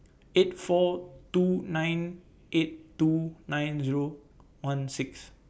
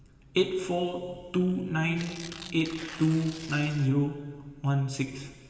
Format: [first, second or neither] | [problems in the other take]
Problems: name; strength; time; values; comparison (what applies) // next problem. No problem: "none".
first | background sound (Tearing); 15 dB below the speech // room echo; dies away in 2.9 s